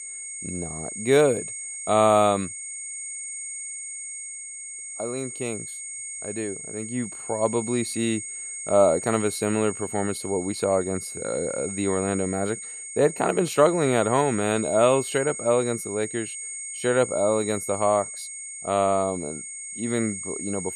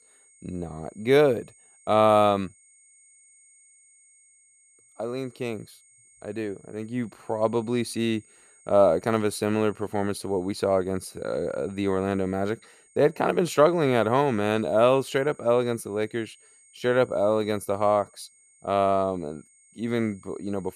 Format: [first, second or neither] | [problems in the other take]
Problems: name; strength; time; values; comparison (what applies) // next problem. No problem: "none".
second | high-pitched whine; loud; throughout; 8.5 kHz, 8 dB below the speech; faint in the second